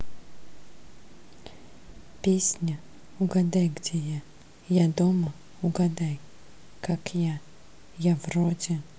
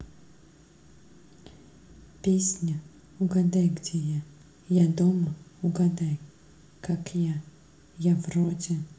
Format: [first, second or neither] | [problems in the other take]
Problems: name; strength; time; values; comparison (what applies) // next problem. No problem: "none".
first | room echo; dies away in 0.4 s